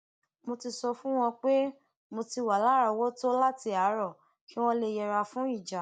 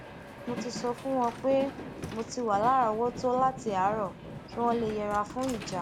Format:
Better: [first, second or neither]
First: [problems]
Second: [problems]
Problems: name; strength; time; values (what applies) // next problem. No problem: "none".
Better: first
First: none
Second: background sound (Train); 11 dB below the speech